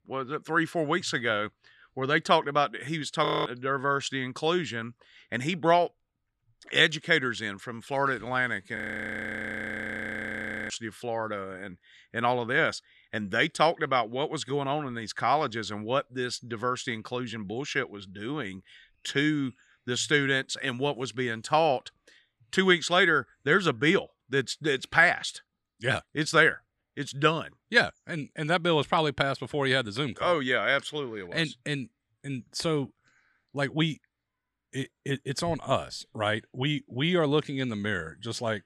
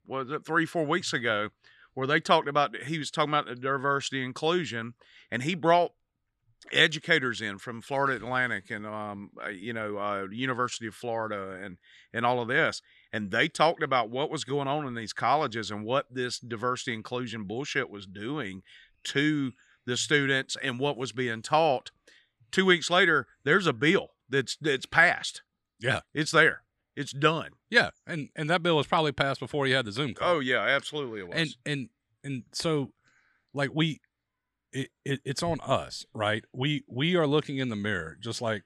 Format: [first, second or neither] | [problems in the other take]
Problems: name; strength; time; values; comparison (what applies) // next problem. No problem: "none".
second | audio freezing; at 3.5 s and at 9 s for 2 s